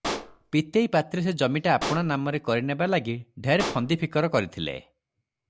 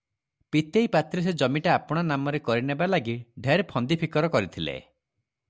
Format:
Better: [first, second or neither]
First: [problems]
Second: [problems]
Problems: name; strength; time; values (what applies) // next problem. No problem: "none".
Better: second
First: background sound (Explosion); 12 dB below the speech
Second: none